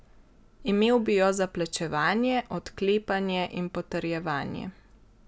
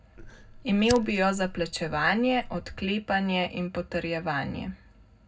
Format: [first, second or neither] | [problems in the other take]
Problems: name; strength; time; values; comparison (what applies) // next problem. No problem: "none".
first | background sound (Fire); 13 dB below the speech // room echo; dies away in 0.3 s